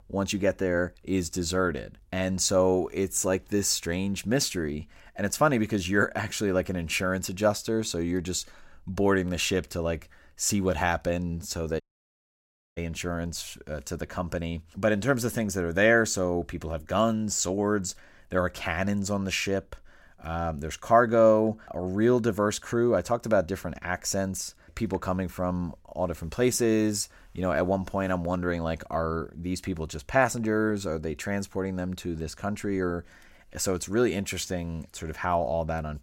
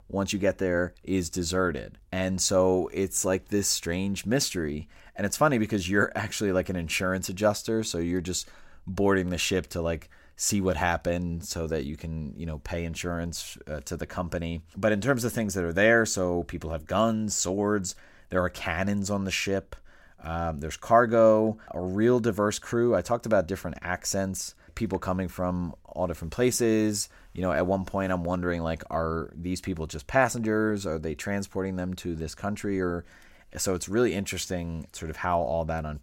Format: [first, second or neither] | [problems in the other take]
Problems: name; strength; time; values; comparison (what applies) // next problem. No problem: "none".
second | audio cutting out; at 12 s for 1 s